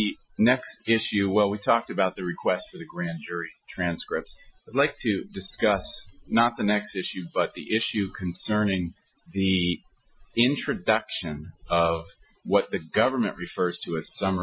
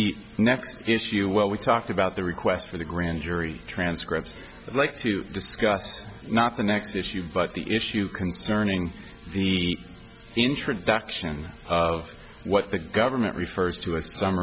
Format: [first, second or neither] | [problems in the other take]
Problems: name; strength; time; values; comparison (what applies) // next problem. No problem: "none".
second | noise reduction (classical method Wiener filter)